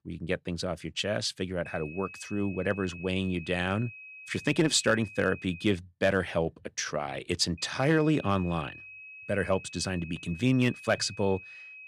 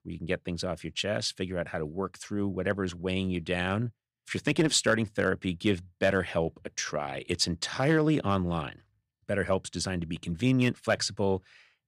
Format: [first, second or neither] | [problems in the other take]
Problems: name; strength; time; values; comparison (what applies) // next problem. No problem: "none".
second | high-pitched whine; noticeable; from 1.5 to 5.5 s and from 7.5 s on; 2.5 kHz, 15 dB below the speech